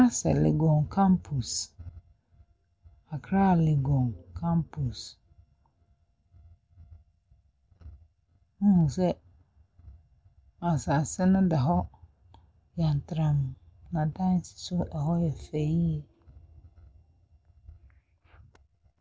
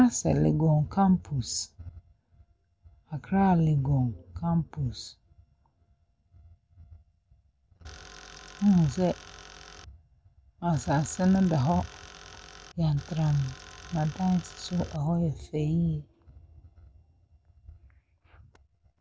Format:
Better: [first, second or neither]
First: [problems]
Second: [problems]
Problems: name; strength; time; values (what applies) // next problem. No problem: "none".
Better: first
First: none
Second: background sound (Tools); 18 dB below the speech